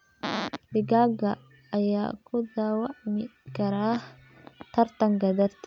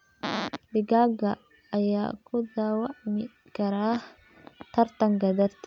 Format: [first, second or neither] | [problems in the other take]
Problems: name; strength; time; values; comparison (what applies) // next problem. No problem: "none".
second | background sound (Piano); 19 dB below the speech